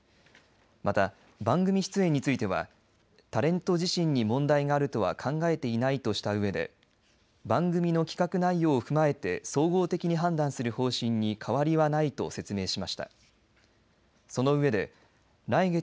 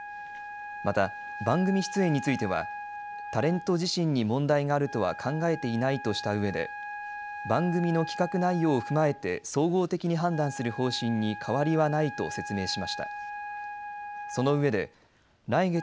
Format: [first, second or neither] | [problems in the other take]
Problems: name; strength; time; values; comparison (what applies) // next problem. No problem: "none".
first | background sound (Wind instrument, woodwind instrument); 11 dB below the speech